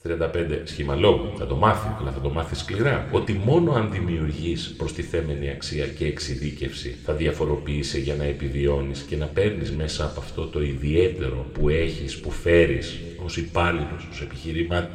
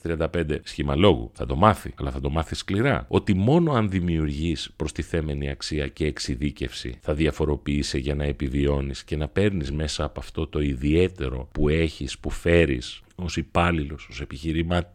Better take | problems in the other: second | room echo; slight; dies away in 2.2 s

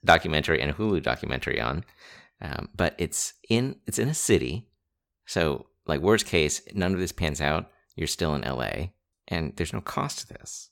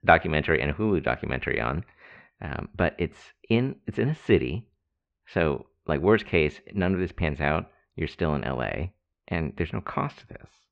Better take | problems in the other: first | muffled; very; fading above 2.5 kHz

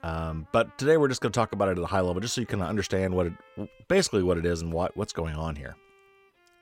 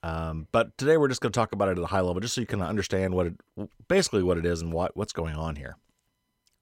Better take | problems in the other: second | background music; faint; throughout; 30 dB below the speech

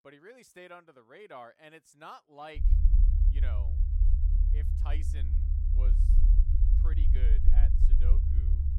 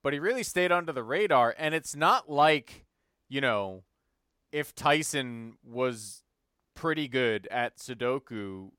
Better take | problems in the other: second | low rumble; loud; from 2.5 s on; 1 dB below the speech

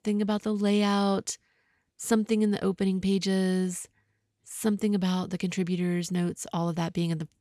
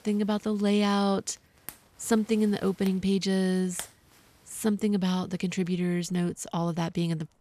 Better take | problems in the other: first | household noises; faint; throughout; 20 dB below the speech

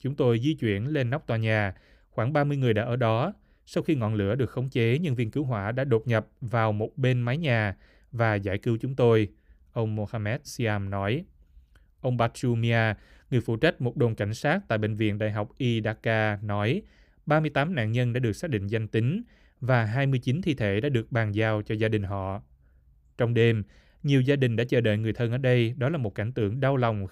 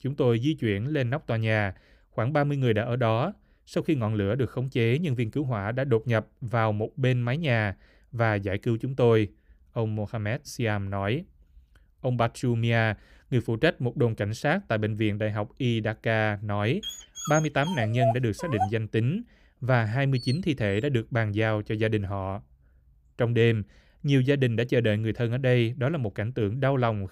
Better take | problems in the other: first | dog barking; noticeable; from 17 to 20 s; peak 1 dB below the speech

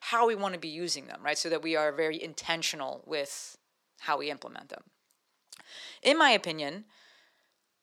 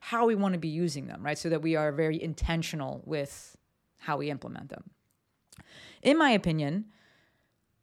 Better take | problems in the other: second | thin; somewhat; fading below 450 Hz

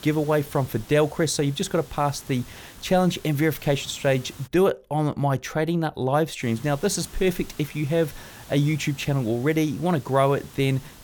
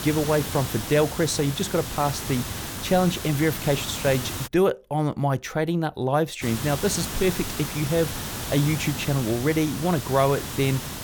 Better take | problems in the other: first | hiss; loud; until 4.5 s and from 6.5 s on; 7 dB below the speech; faint in the first

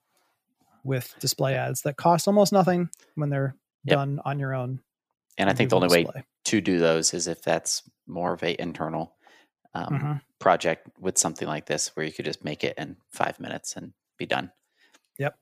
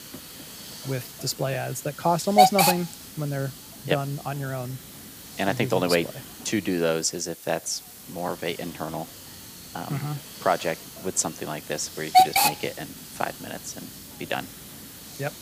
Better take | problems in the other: first | hiss; very loud; throughout; 3 dB above the speech

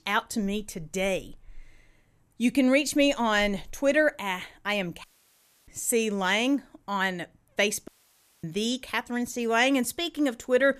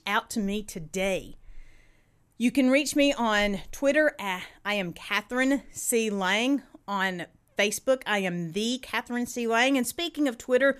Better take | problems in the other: second | audio cutting out; at 5 s for 0.5 s and at 8 s for 0.5 s

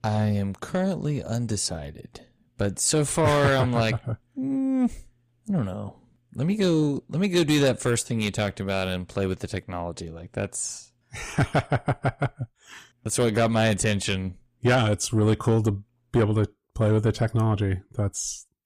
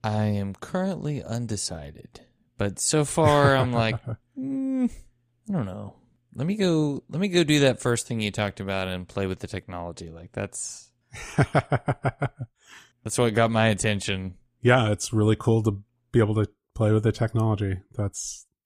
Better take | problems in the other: second | distortion; slight; 10 dB below the speech

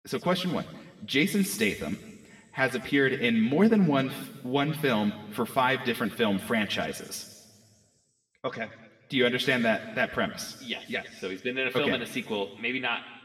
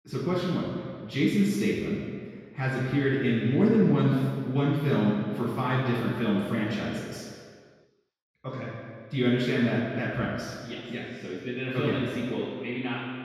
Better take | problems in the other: first | room echo; strong; dies away in 2 s; slight in the first // off-mic speech; far

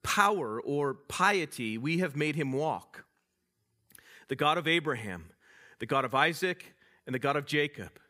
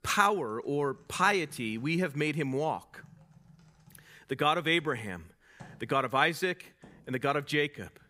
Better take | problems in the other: first | household noises; faint; throughout; 30 dB below the speech

